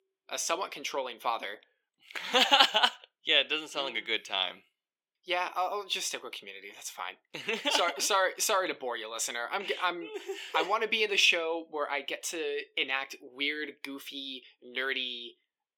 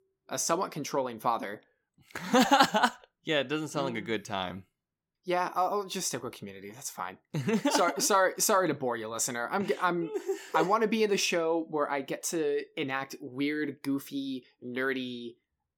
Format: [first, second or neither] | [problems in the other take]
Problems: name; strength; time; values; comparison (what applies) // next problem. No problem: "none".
second | thin; somewhat; fading below 500 Hz